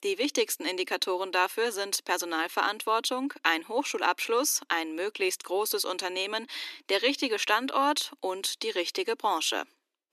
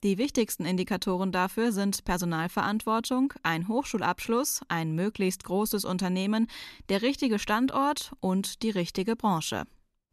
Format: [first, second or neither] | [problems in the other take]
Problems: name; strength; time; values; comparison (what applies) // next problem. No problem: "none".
second | thin; somewhat; fading below 300 Hz